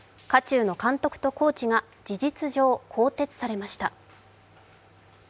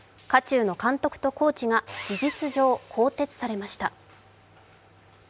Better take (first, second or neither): first